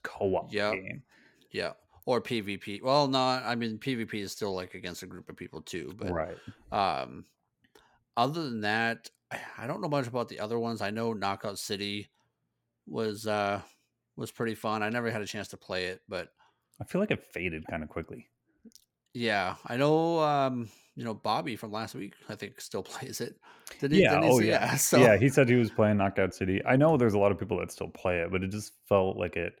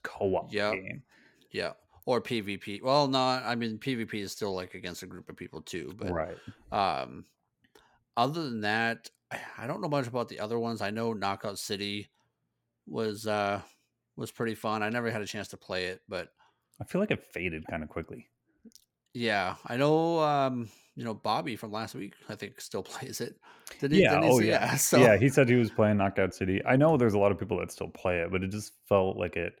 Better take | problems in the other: neither | none

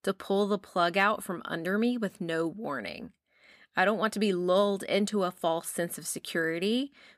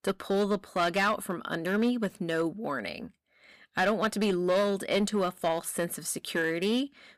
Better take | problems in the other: first | distortion; slight; 5% of the sound clipped

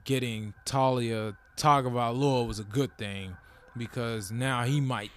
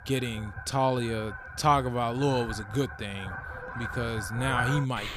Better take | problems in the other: first | animal sounds; loud; throughout; 8 dB below the speech; faint in the first

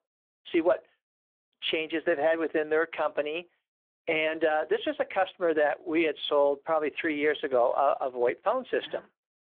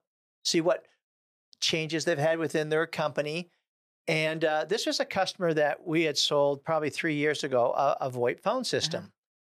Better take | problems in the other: second | phone-call audio; nothing above 3.5 kHz

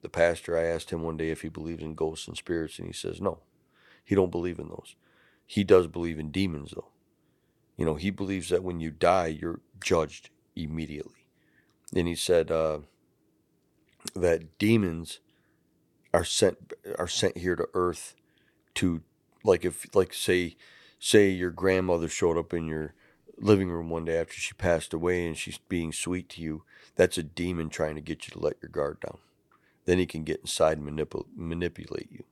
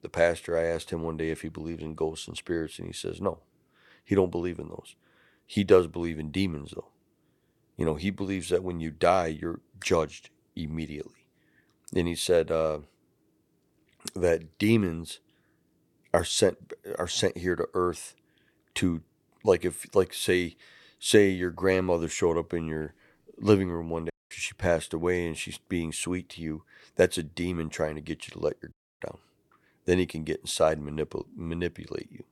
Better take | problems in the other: first | audio cutting out; at 24 s and at 29 s

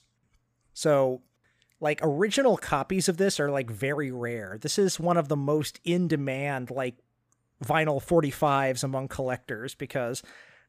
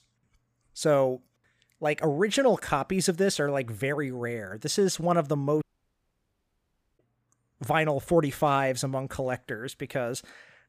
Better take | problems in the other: first | audio cutting out; at 5.5 s for 1.5 s

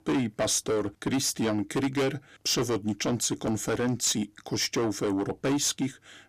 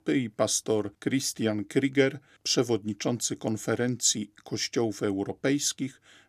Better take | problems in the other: second | distortion; heavy; 6 dB below the speech

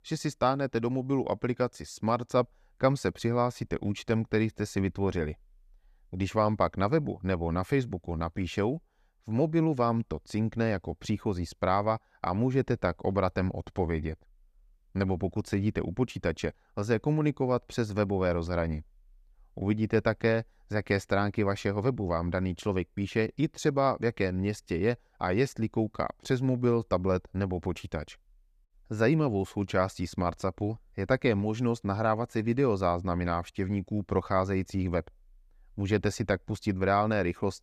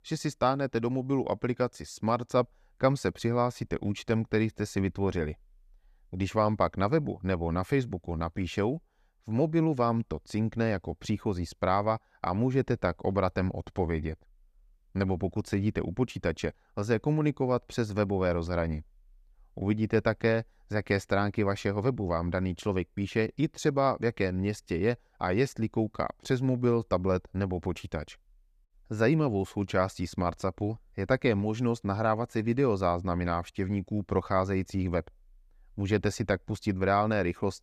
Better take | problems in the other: neither | none

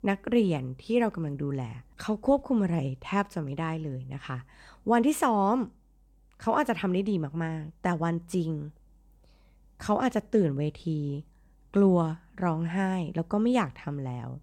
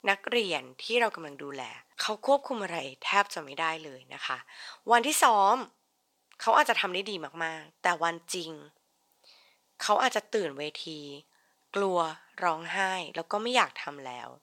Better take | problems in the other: first | thin; very; fading below 700 Hz

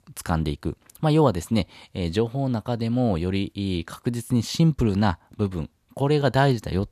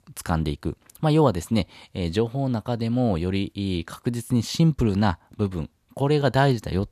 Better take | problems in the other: neither | none

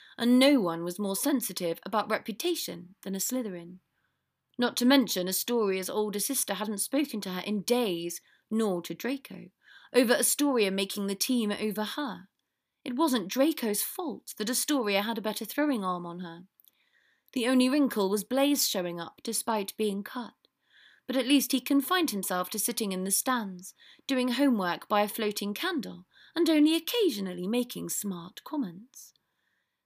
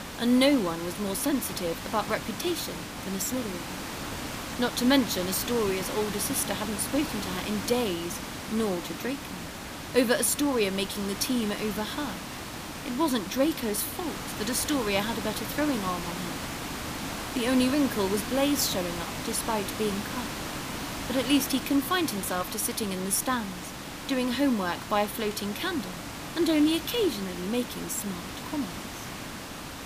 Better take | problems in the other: first | hiss; loud; throughout; 7 dB below the speech

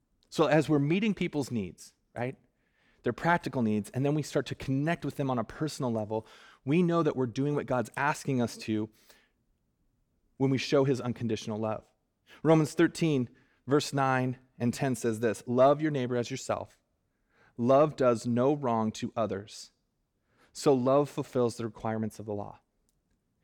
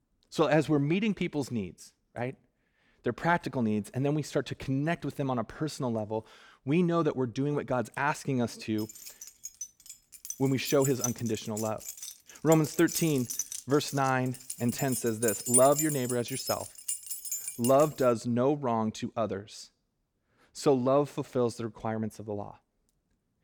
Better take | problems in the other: first | jangling keys; loud; from 9.5 to 18 s; peak 5 dB above the speech

